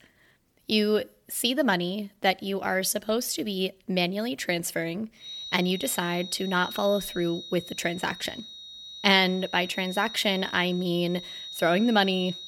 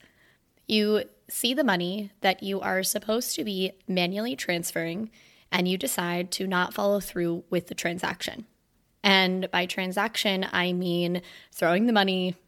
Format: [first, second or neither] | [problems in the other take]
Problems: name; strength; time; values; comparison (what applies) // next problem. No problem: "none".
second | high-pitched whine; noticeable; from 5.5 s on; 4 kHz, 10 dB below the speech